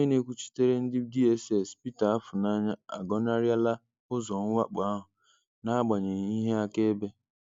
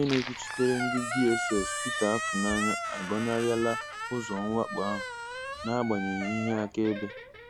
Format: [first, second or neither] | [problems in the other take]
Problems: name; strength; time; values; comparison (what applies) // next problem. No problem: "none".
first | background sound (Squeak); 5 dB below the speech